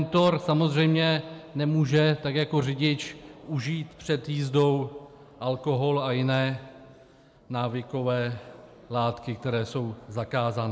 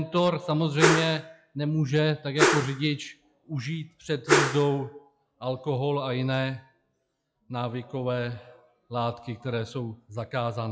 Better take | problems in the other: first | noise reduction (classical method log-MMSE)

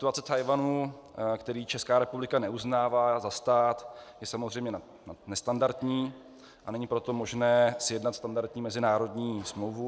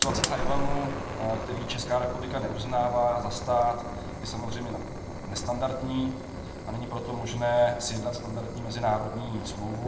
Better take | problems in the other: first | background sound (Fire); 3 dB below the speech // room echo; dies away in 0.8 s

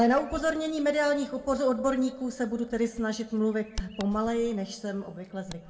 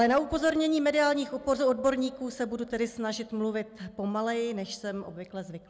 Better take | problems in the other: second | background sound (Bird vocalization, bird call, bird song); 18 dB below the speech // room echo; dies away in 0.6 s

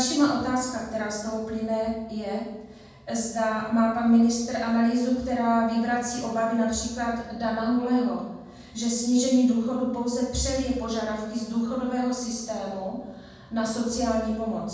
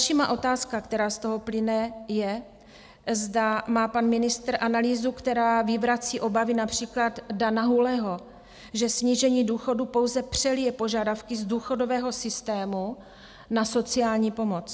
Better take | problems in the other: second | room echo; dies away in 1.2 s

